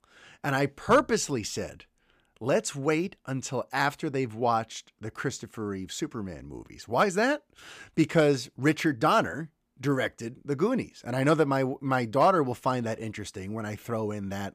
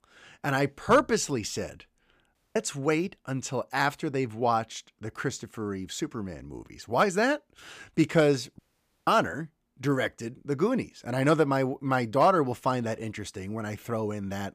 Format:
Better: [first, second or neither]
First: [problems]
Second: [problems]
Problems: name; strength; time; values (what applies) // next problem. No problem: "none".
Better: first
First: none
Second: audio cutting out; at 2.5 s and at 8.5 s